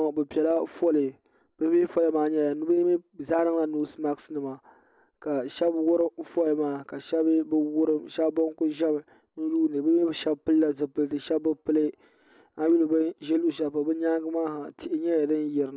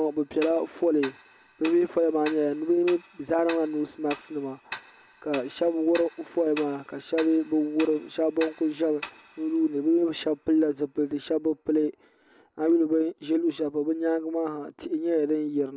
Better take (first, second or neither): first